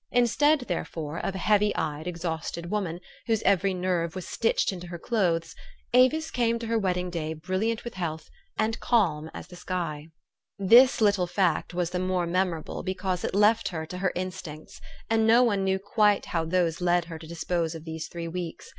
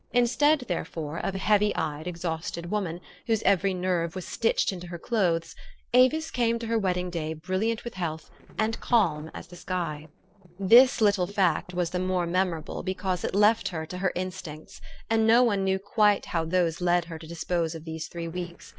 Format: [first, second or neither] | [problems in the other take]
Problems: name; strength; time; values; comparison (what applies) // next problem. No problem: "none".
first | noise reduction (neural separator model SepFormer DNS4)